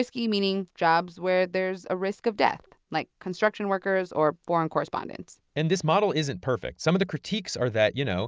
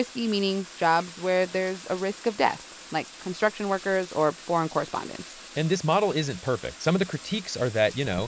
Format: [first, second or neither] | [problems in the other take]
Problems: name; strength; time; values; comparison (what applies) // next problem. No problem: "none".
first | background sound (Bathtub (filling or washing)); 17 dB below the speech